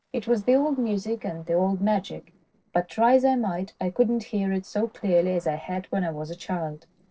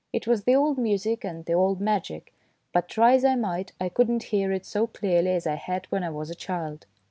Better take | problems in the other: second | noise reduction (neural separator model SepFormer DNS4)

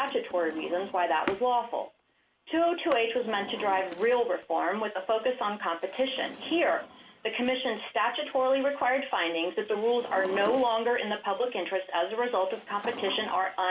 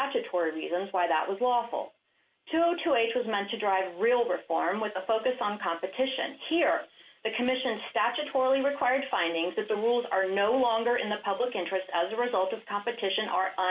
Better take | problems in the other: second | background sound (Drawer open or close); 16 dB below the speech

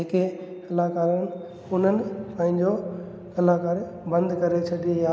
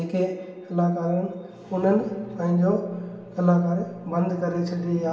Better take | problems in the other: first | room echo; dies away in 0.4 s

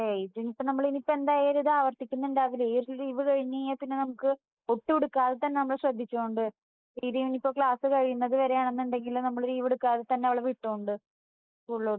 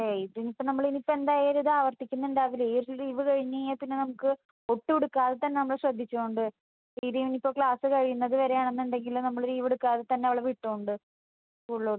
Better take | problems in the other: second | noise reduction (neural mask model Resemble Enhance denoiser)

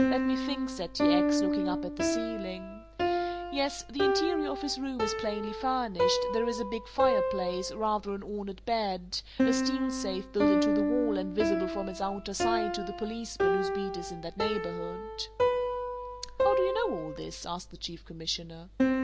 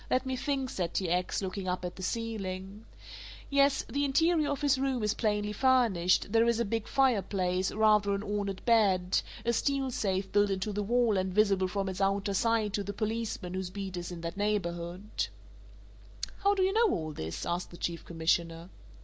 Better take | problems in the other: second | background sound (Piano); 3 dB above the speech

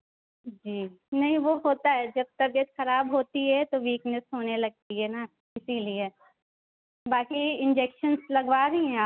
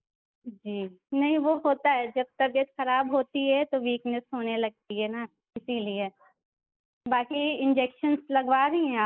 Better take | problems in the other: first | noise reduction (neural mask model Resemble Enhance denoiser)

